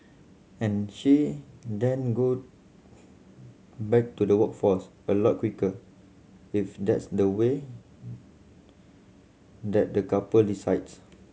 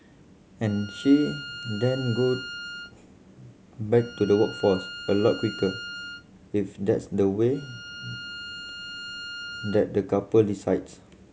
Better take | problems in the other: first | background sound (Bowed string instrument); 13 dB below the speech

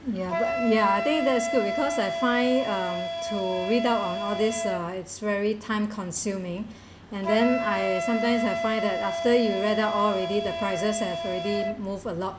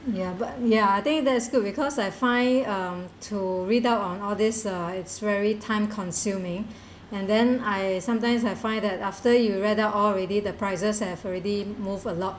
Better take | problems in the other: second | background sound (Wind instrument, woodwind instrument); 4 dB below the speech

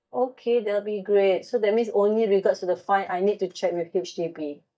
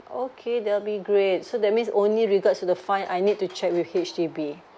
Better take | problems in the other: second | noise reduction (neural mask model DeepFilterNet 3)

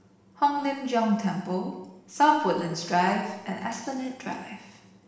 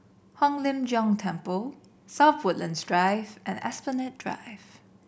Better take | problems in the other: second | room echo; dies away in 0.9 s

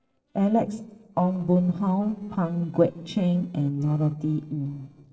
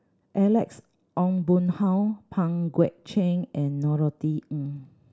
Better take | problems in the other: second | noise reduction (neural separator model SepFormer DNS4)

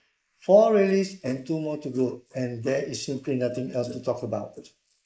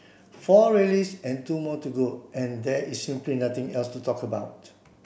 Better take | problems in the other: second | noise reduction (neural mask model Resemble Enhance denoiser)

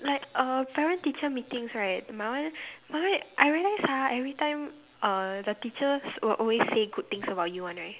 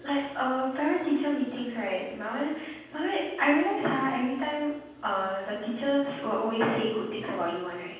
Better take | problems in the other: first | room echo; dies away in 1.2 s

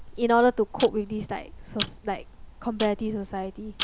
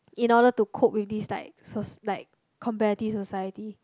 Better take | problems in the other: second | background sound (Tick-tock); 12 dB below the speech

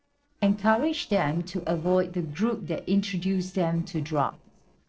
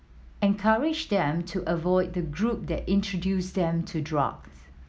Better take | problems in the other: second | noise reduction (neural separator model SepFormer DNS4)

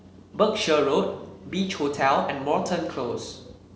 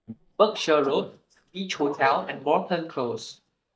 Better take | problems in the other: first | noise reduction (neural mask model DeepFilterNet 3)

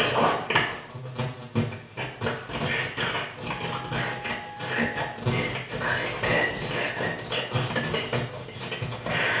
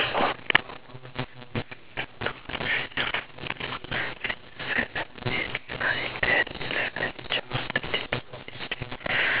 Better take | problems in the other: second | background sound (Wind instrument, woodwind instrument); 15 dB below the speech // room echo; dies away in 0.6 s

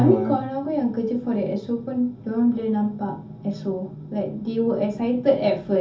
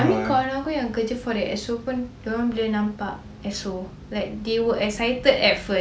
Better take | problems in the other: second | room echo; dies away in 0.4 s

